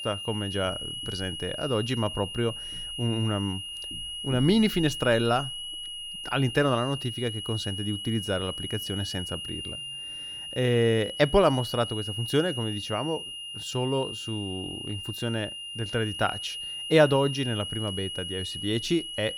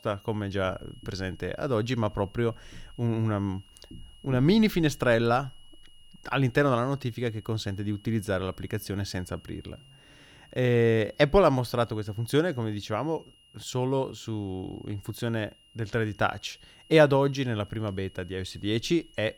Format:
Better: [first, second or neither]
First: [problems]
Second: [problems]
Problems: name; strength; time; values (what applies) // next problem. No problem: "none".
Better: second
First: high-pitched whine; loud; throughout; 3 kHz, 6 dB below the speech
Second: high-pitched whine; faint; throughout; 3 kHz, 30 dB below the speech